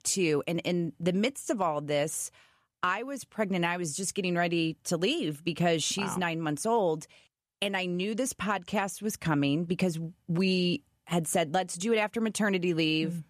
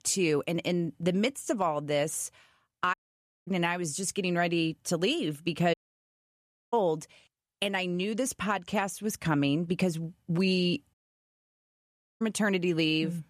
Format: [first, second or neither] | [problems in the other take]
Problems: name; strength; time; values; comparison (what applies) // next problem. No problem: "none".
first | audio cutting out; at 3 s for 0.5 s, at 5.5 s for 1 s and at 11 s for 1.5 s